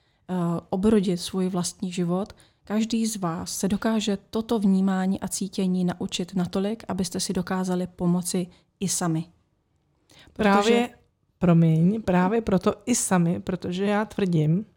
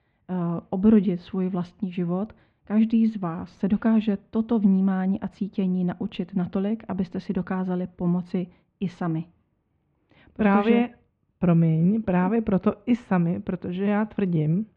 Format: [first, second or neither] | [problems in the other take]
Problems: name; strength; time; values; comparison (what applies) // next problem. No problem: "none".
first | muffled; very; fading above 2.5 kHz